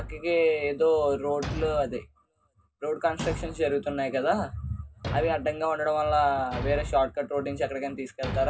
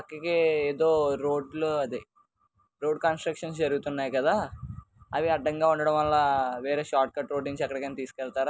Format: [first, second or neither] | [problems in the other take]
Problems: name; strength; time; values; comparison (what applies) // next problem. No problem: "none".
second | background sound (Thump, thud); 11 dB below the speech // room echo; dies away in 0.4 s